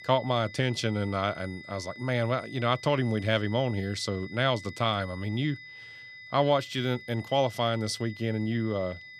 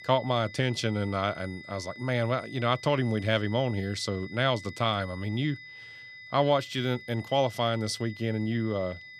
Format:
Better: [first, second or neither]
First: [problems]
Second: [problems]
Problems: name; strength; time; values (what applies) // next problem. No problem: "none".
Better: neither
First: high-pitched whine; noticeable; throughout; 2 kHz, 15 dB below the speech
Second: high-pitched whine; noticeable; throughout; 2 kHz, 15 dB below the speech